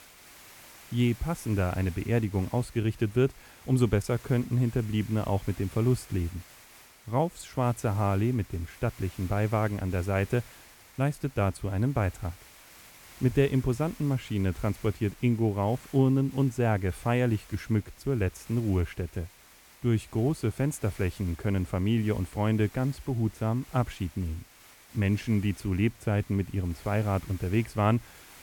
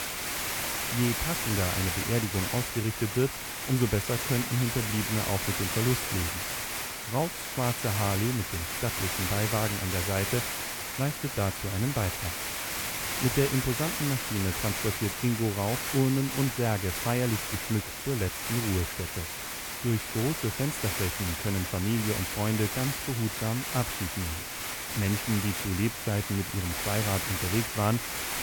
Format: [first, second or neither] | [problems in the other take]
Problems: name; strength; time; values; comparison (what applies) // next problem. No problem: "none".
first | hiss; loud; throughout; 1 dB below the speech; faint in the first